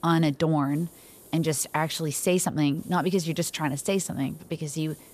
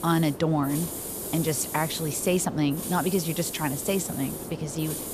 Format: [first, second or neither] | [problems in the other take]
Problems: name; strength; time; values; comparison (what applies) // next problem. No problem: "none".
first | hiss; loud; throughout; 6 dB below the speech; faint in the first